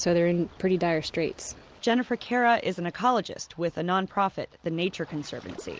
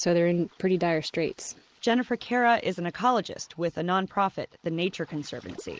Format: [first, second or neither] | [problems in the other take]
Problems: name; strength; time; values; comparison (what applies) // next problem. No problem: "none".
first | noise reduction (neural mask model Resemble Enhance denoiser)